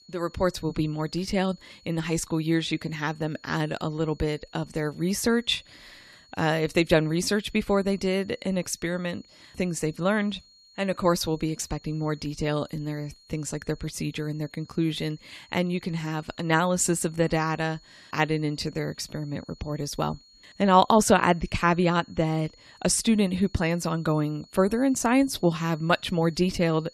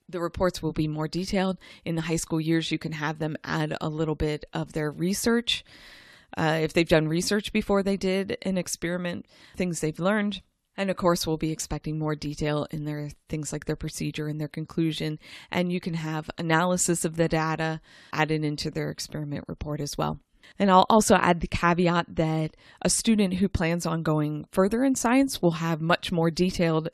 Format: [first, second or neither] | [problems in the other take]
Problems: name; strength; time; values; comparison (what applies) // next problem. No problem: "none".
second | high-pitched whine; faint; throughout; 4.5 kHz, 25 dB below the speech